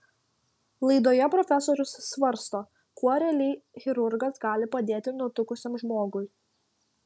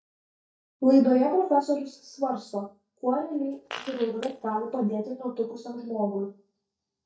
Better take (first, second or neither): first